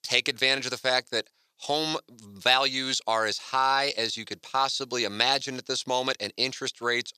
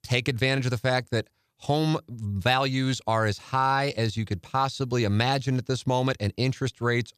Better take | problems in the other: second | thin; somewhat; fading below 400 Hz

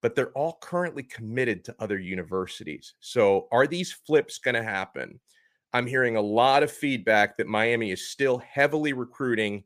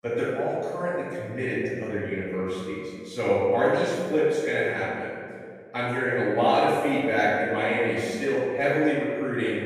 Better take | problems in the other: first | off-mic speech; far // room echo; strong; dies away in 1.9 s

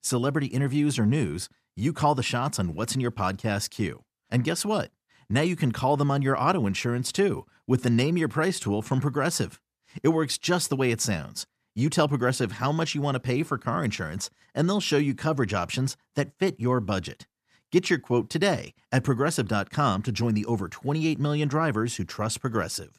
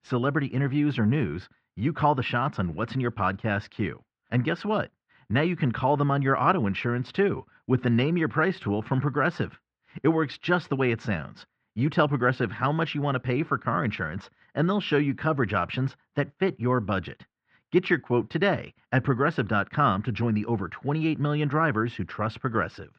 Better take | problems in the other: first | muffled; very; fading above 3 kHz

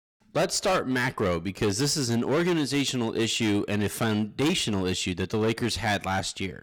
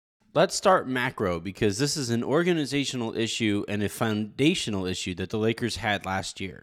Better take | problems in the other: second | distortion; heavy; 13% of the sound clipped

